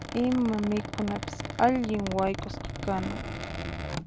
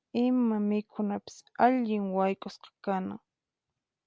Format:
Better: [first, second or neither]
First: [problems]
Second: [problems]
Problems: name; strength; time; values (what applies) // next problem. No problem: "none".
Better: second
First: background sound (Squeak); 6 dB below the speech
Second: none